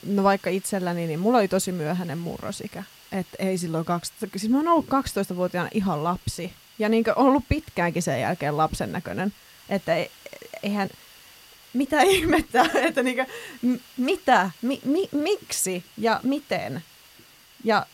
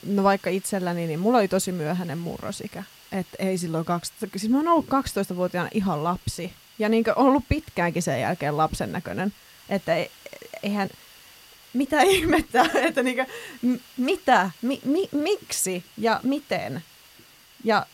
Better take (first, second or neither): neither